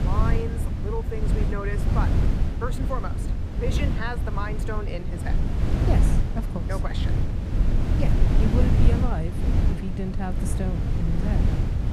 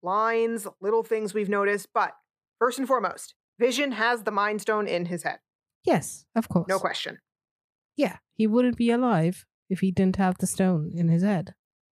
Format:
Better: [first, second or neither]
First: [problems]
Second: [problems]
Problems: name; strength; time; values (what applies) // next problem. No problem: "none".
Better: second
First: wind noise on the microphone; heavy; 1 dB below the speech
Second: none